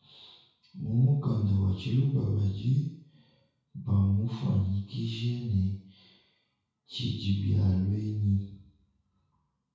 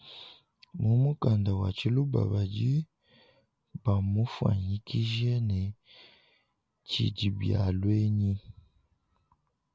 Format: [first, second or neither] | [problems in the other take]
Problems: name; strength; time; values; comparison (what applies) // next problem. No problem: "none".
second | room echo; dies away in 0.6 s